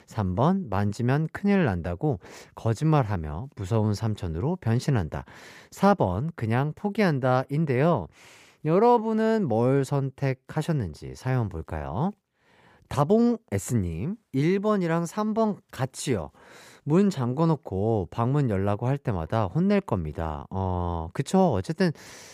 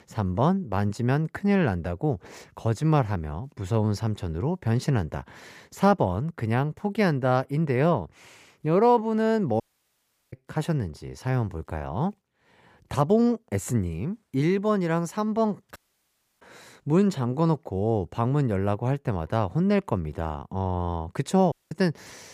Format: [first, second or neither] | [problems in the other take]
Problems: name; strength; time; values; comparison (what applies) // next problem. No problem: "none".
first | audio cutting out; at 9.5 s for 0.5 s, at 16 s for 0.5 s and at 22 s